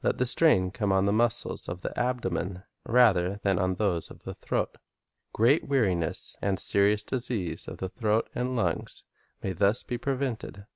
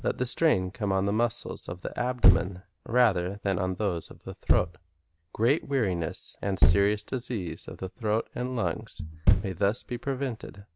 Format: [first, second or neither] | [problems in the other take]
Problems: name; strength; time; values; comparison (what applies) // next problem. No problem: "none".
first | background sound (Thump, thud); 1 dB below the speech